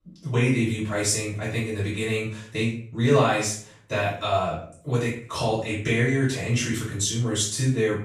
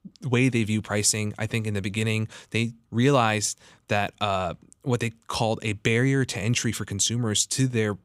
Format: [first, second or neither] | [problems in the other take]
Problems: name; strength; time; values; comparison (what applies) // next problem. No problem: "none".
second | off-mic speech; far // room echo; noticeable; dies away in 0.4 s